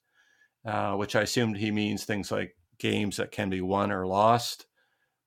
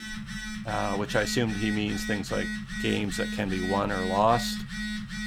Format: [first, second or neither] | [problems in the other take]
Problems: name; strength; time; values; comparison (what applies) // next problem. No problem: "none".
first | phone ringing; noticeable; peak 5 dB below the speech